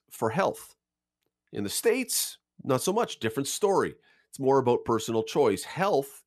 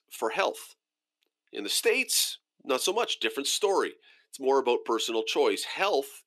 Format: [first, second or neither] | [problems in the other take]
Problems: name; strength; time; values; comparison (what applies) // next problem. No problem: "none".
first | thin; somewhat; fading below 300 Hz